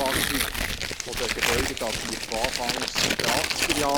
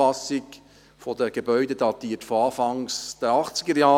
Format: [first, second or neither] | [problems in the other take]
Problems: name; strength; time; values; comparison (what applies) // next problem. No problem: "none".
second | background sound (Tearing); 4 dB above the speech